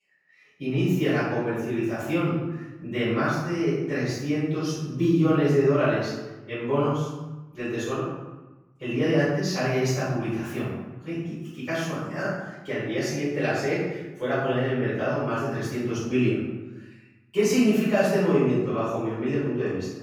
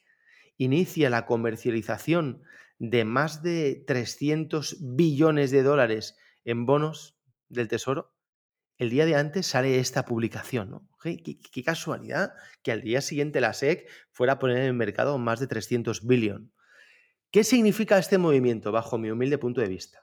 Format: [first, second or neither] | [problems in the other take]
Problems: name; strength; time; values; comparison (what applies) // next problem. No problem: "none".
second | off-mic speech; far // room echo; strong; dies away in 1 s